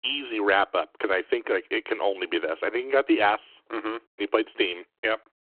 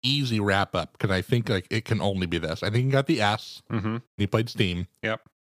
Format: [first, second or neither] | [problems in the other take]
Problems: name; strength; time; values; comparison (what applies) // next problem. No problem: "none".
second | phone-call audio